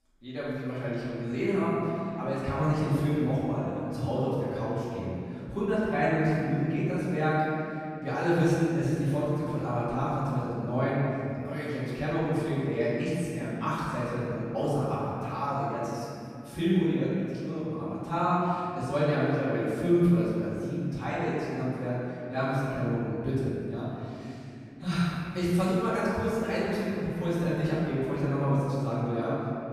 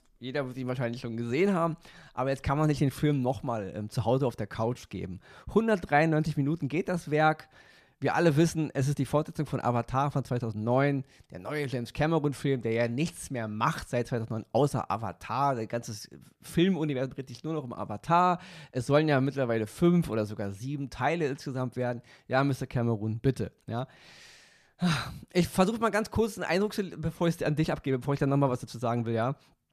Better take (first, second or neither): second